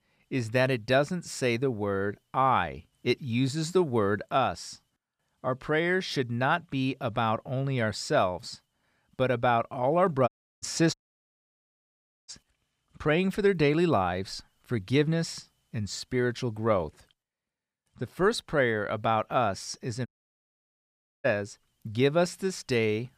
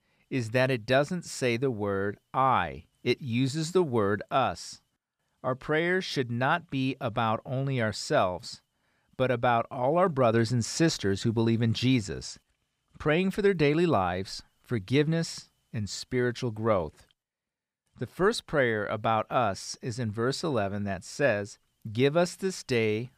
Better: second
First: audio cutting out; at 10 s, at 11 s for 1.5 s and at 20 s for 1 s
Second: none

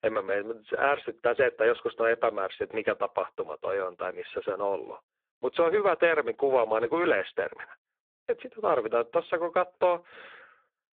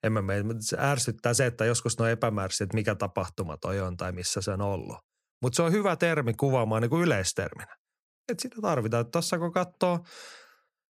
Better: second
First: phone-call audio; poor line; nothing above 3.5 kHz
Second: none

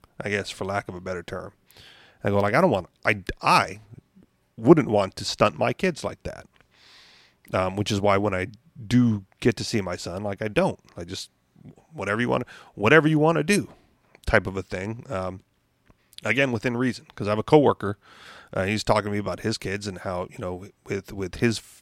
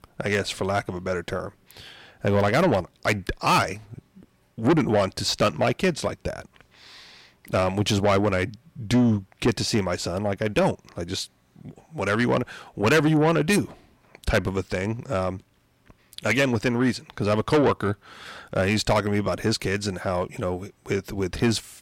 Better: first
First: none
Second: distortion; heavy; 7 dB below the speech

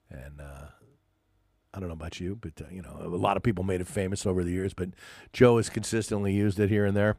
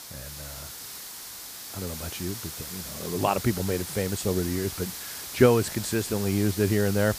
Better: first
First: none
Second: hiss; loud; throughout; 9 dB below the speech

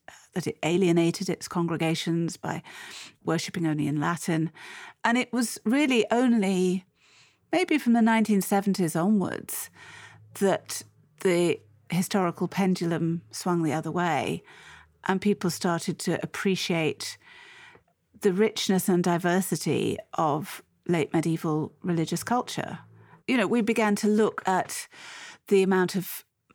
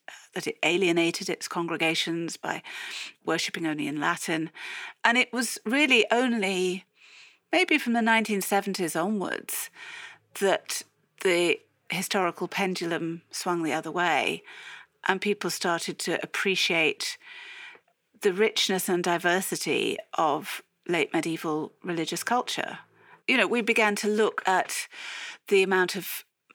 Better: first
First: none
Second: thin; somewhat; fading below 300 Hz

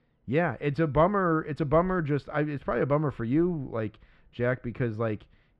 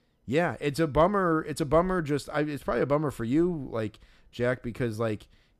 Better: second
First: muffled; slightly; fading above 2 kHz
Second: none

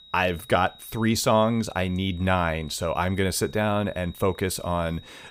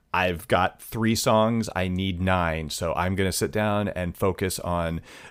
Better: second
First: high-pitched whine; faint; throughout; 4 kHz, 20 dB below the speech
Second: none

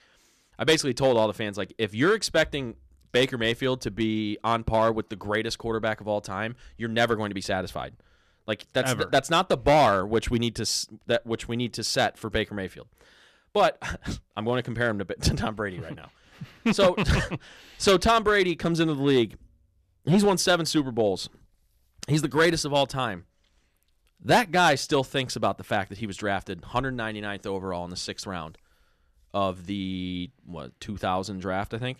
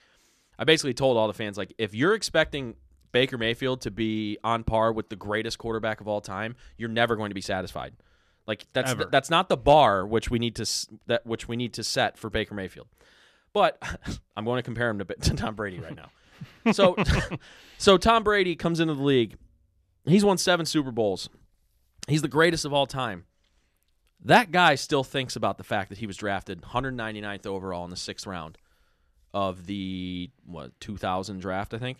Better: second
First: distortion; slight; 2% of the sound clipped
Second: none

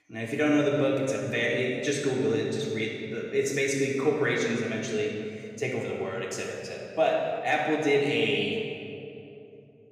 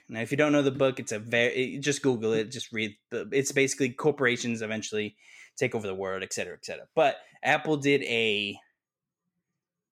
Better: second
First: off-mic speech; far // room echo; noticeable; dies away in 2.3 s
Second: none

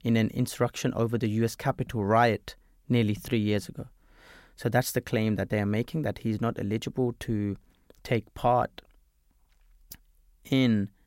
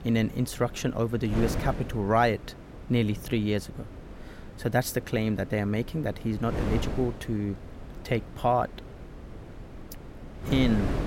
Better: first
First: none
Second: wind noise on the microphone; occasional gusts; 15 dB below the speech

